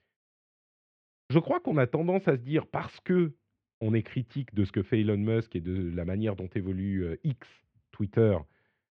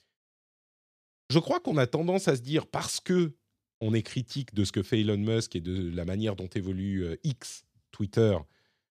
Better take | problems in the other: second | muffled; very; fading above 2.5 kHz

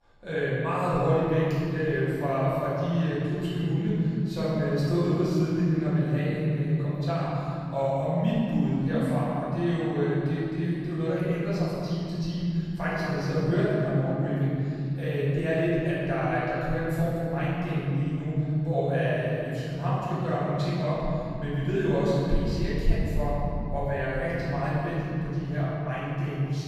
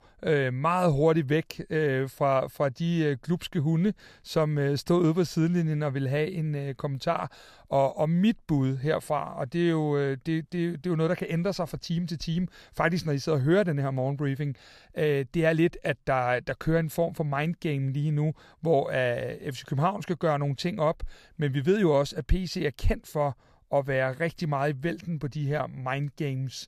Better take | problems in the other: second | room echo; strong; dies away in 3 s // off-mic speech; far

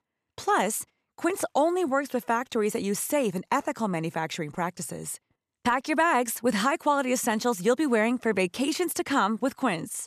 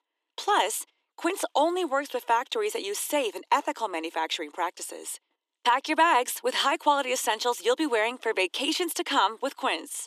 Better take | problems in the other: first | thin; somewhat; fading below 300 Hz

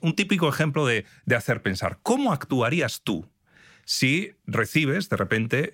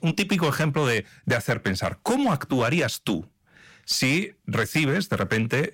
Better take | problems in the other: first | distortion; slight; 9% of the sound clipped

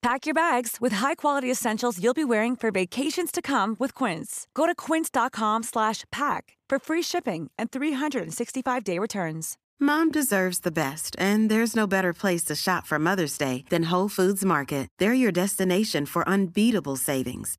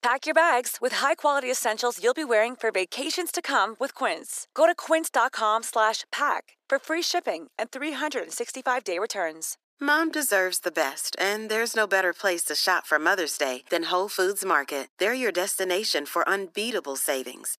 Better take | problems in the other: first | thin; very; fading below 350 Hz

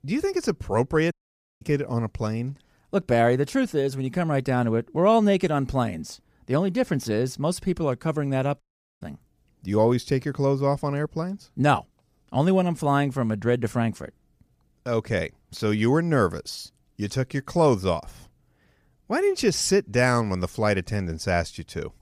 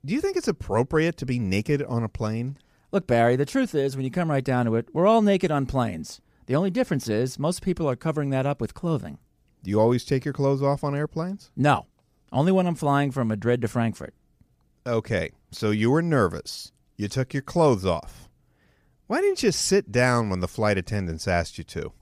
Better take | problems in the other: second | audio cutting out; at 1 s and at 8.5 s

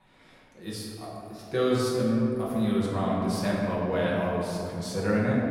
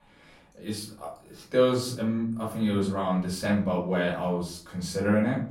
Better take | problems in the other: second | room echo; strong; dies away in 2.9 s; slight in the second // off-mic speech; far; far in the second

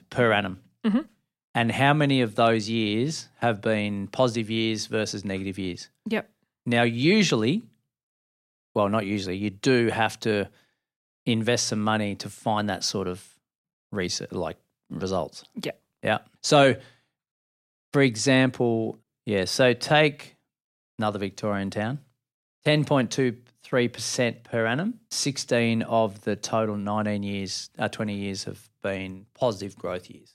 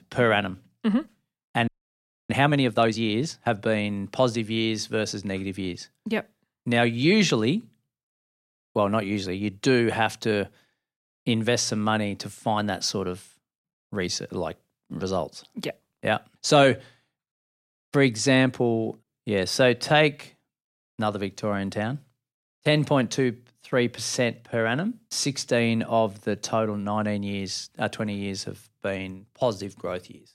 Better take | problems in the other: first | audio freezing; at 1.5 s for 0.5 s

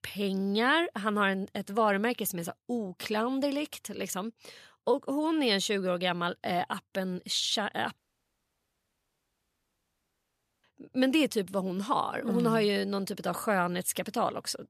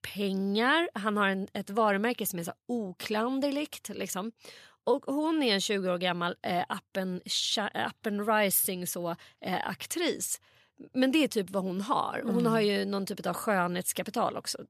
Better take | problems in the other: second | audio cutting out; at 8 s for 2.5 s

